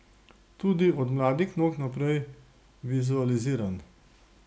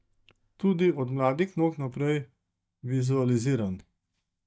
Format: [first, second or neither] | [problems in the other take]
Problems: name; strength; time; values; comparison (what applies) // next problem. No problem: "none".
first | noise reduction (neural mask model DeepFilterNet 3)